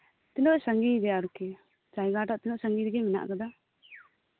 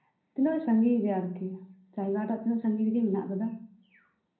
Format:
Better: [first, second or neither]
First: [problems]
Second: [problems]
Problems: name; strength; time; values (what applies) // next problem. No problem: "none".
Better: first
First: none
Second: room echo; dies away in 0.6 s